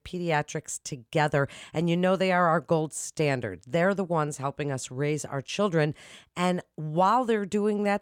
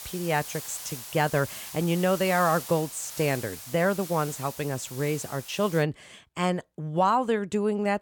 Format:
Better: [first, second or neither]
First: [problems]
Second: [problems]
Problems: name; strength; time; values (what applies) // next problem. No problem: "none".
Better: first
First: none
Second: hiss; noticeable; until 6 s; 10 dB below the speech